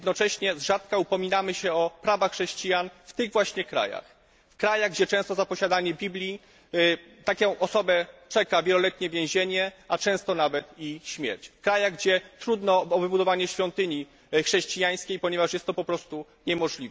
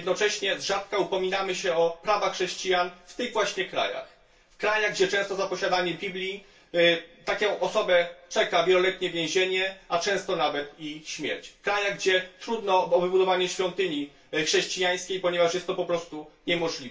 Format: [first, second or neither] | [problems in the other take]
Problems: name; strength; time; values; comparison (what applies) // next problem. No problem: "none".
first | room echo; dies away in 0.3 s